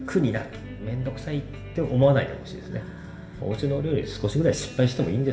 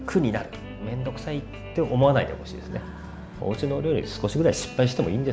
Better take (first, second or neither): second